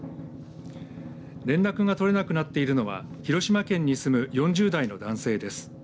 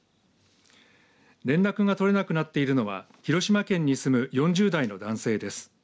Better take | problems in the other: second | background sound (Drum); 15 dB below the speech

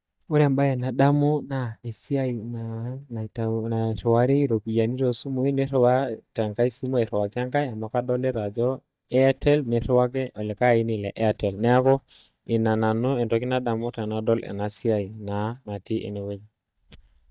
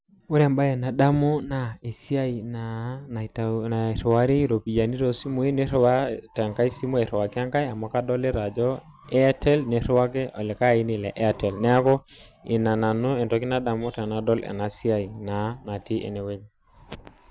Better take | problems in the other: second | noise reduction (neural mask model DeepFilterNet 3)

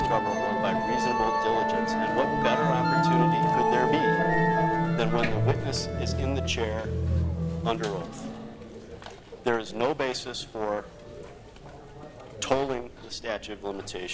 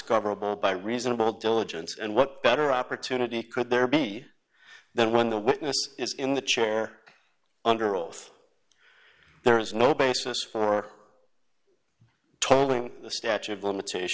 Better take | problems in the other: second | background sound (Musical instrument); 4 dB above the speech

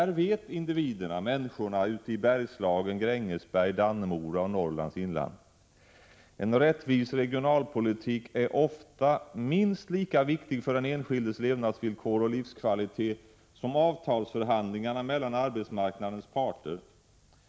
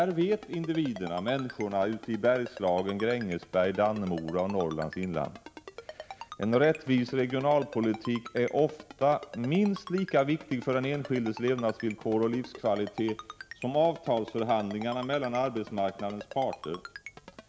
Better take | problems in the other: first | background sound (Ringtone); 17 dB below the speech

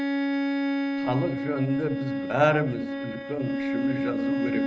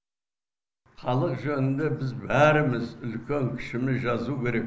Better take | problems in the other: second | noise reduction (neural mask model RNNoise)

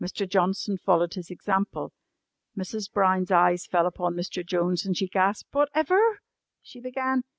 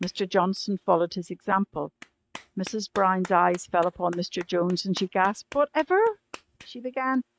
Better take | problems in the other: first | noise reduction (neural mask model RNNoise)

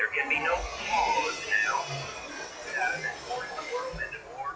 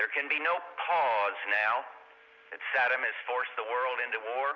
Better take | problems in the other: second | noise reduction (classical method WPE with log-MMSE)

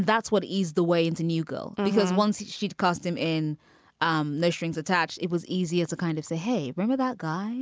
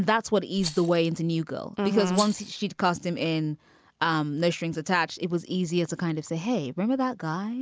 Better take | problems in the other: first | background sound (Rattle); 14 dB below the speech

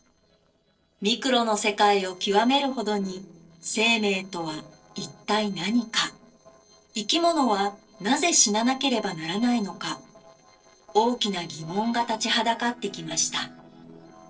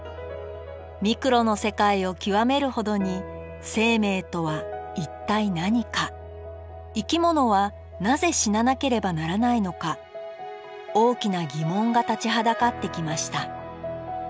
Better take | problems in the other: second | noise reduction (neural separator model SepFormer DNS4)

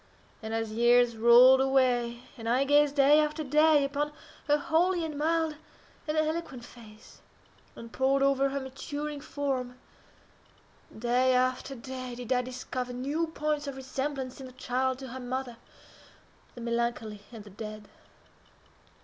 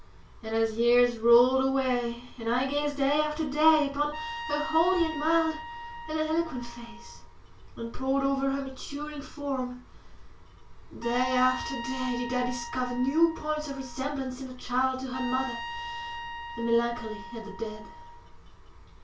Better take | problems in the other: first | background sound (Trumpet); 11 dB below the speech // room echo; dies away in 0.2 s

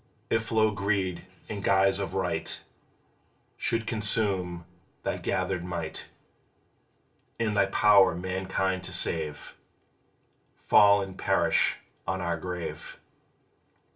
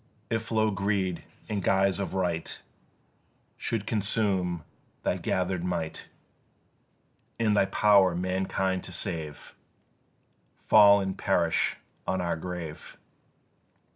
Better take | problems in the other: second | room echo; dies away in 0.2 s

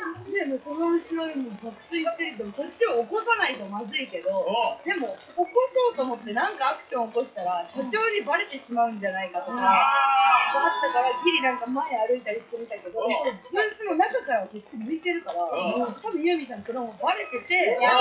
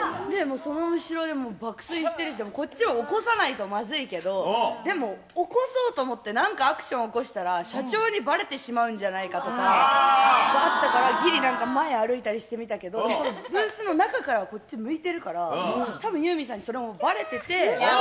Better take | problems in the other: second | noise reduction (classical method WPE with log-MMSE)

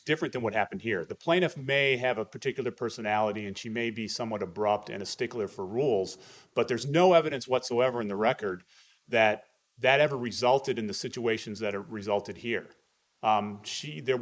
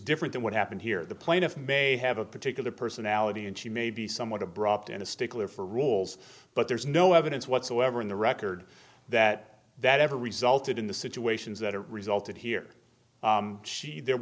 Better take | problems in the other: second | noise reduction (neural mask model Resemble Enhance denoiser)

